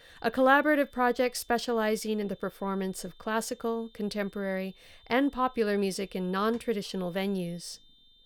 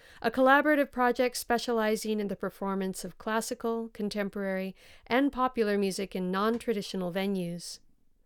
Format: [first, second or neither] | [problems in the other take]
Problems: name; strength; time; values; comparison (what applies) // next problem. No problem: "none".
second | high-pitched whine; faint; throughout; 3.5 kHz, 30 dB below the speech